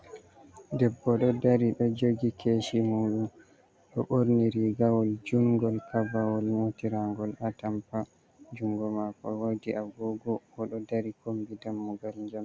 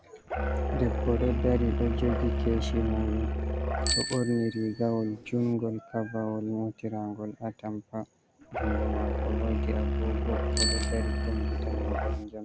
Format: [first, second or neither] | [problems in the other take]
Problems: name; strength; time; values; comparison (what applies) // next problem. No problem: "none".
first | background sound (Bicycle bell + Musical instrument); 1 dB above the speech